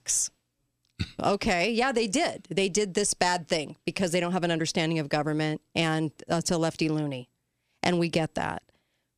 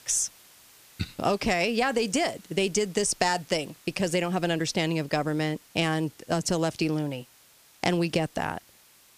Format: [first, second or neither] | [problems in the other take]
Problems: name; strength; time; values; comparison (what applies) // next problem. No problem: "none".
first | hiss; faint; throughout; 25 dB below the speech